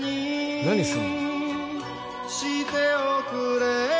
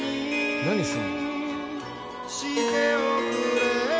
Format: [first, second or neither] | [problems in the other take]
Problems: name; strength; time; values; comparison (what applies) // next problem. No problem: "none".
first | background sound (Harp); 3 dB below the speech